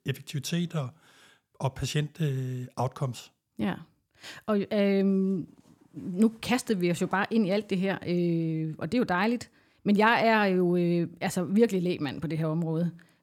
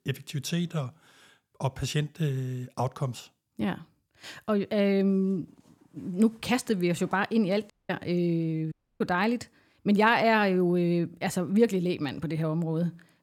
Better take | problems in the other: first | audio cutting out; at 7.5 s and at 8.5 s

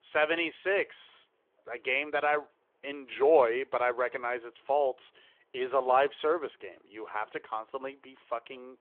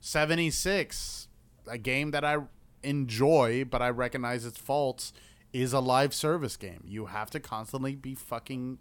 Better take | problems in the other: second | phone-call audio; nothing above 3.5 kHz

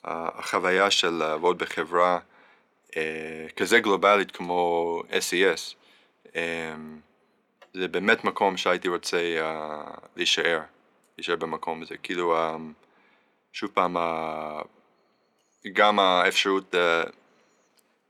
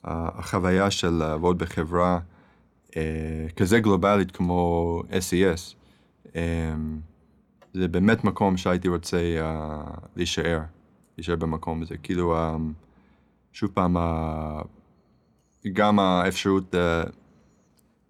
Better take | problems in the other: second | thin; somewhat; fading below 400 Hz

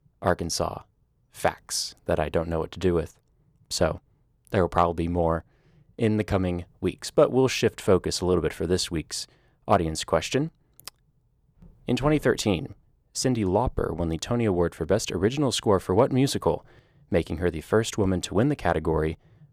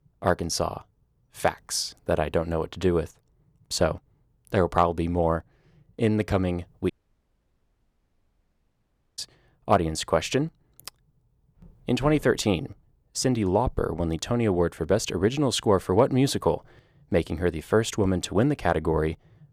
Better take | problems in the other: first | audio cutting out; at 7 s for 2.5 s

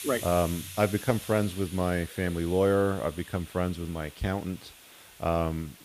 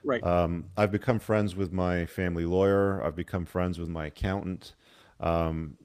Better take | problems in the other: second | hiss; noticeable; throughout; 15 dB below the speech

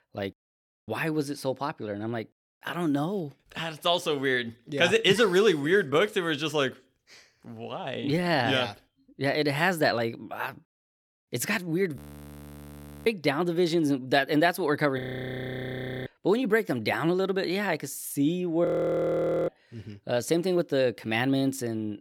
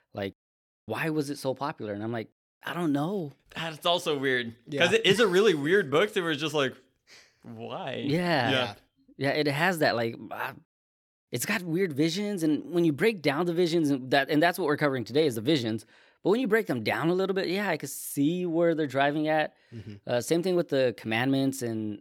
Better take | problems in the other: second | audio freezing; at 12 s for 1 s, at 15 s for 1 s and at 19 s for 1 s

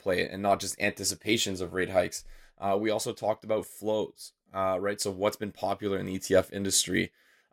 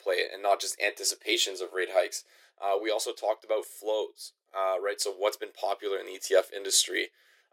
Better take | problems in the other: first | thin; very; fading below 350 Hz

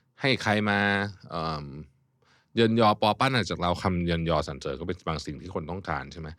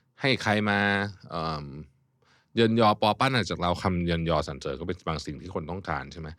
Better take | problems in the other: neither | none

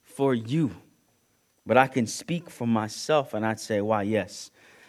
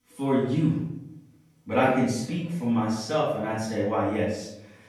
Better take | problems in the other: first | off-mic speech; far // room echo; noticeable; dies away in 0.7 s

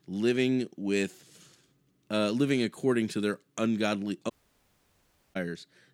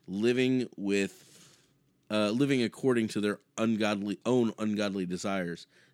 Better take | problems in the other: second | audio cutting out; at 4.5 s for 1 s

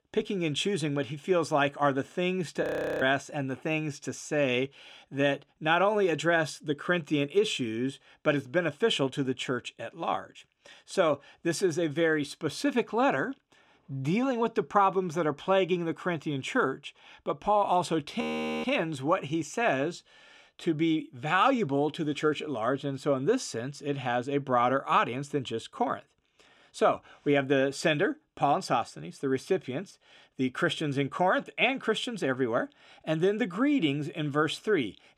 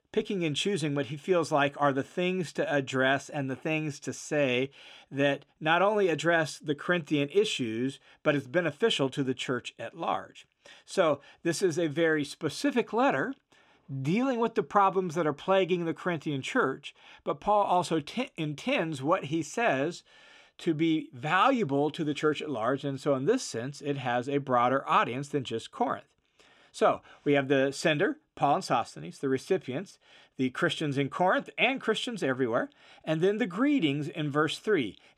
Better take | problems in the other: second | audio freezing; at 2.5 s and at 18 s

